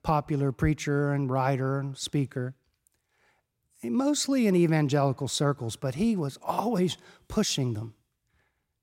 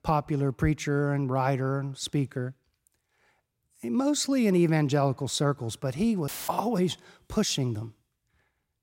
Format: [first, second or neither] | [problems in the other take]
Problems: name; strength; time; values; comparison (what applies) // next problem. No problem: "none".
first | audio cutting out; filled with static; at 6.5 s